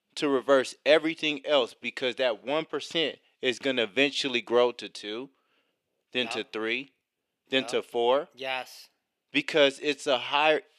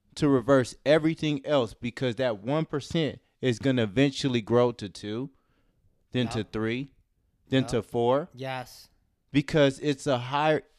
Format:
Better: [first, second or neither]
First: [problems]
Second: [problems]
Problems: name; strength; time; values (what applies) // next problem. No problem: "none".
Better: second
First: thin; somewhat; fading below 450 Hz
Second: none